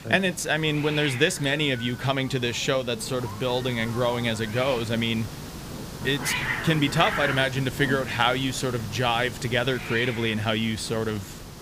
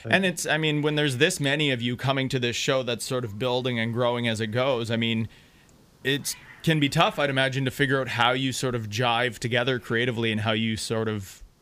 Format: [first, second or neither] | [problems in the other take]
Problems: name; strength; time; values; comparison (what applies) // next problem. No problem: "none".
second | hiss; loud; throughout; 9 dB below the speech; faint in the second